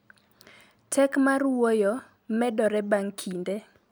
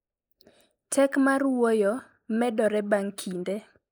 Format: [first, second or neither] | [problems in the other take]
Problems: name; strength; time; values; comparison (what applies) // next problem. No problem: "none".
first | noise reduction (neural mask model Resemble Enhance denoiser)